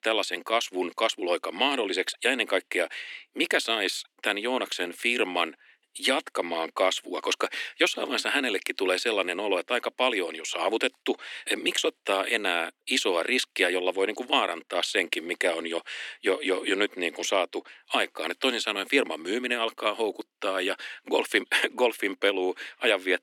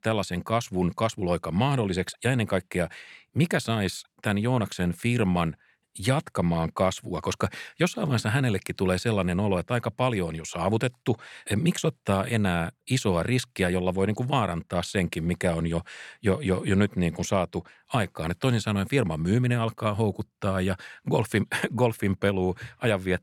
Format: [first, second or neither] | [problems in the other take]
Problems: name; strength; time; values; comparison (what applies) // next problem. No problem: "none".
second | thin; somewhat; fading below 250 Hz